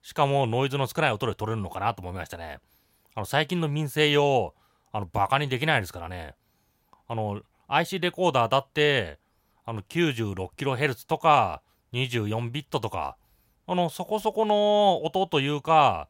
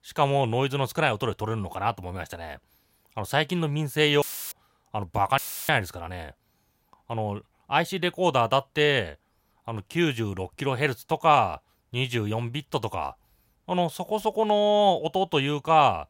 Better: first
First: none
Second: audio cutting out; filled with static; at 4 s and at 5.5 s

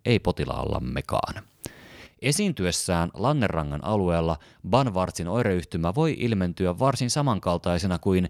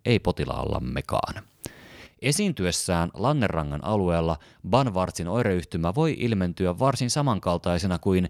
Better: neither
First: none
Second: none

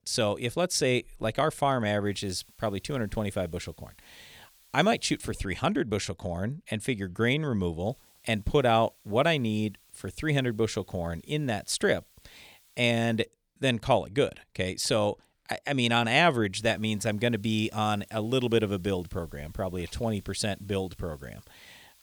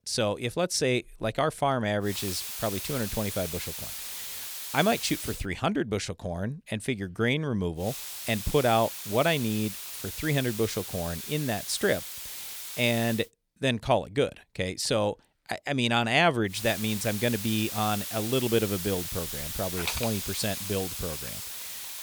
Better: first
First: hiss; faint; from 2 to 5.5 s, from 8 to 13 s and from 17 s on; 30 dB below the speech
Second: hiss; loud; from 2 to 5.5 s, from 8 to 13 s and from 17 s on; 6 dB below the speech

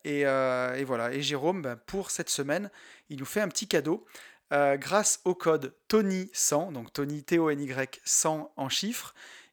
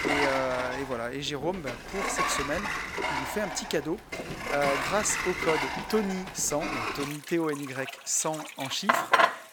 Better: first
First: none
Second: household noises; very loud; throughout; as loud as the speech

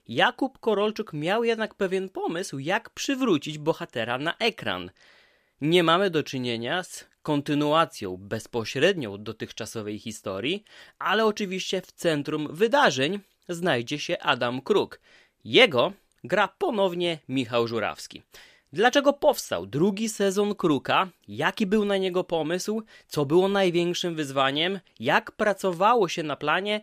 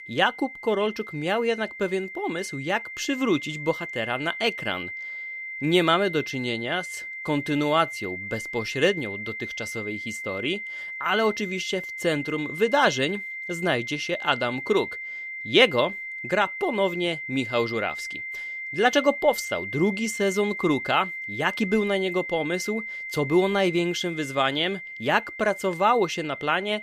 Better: first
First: none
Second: high-pitched whine; loud; throughout; 2 kHz, 8 dB below the speech

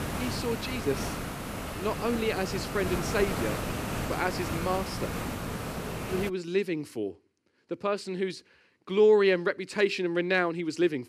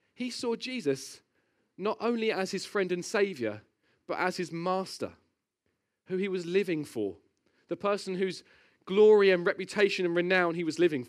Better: second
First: hiss; loud; until 6.5 s; 5 dB below the speech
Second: none

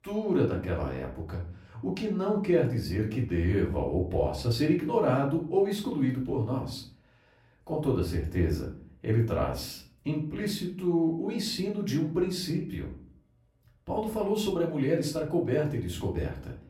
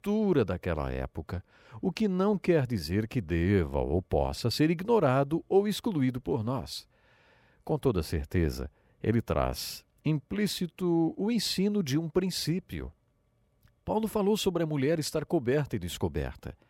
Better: second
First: off-mic speech; far // room echo; slight; dies away in 0.4 s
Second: none

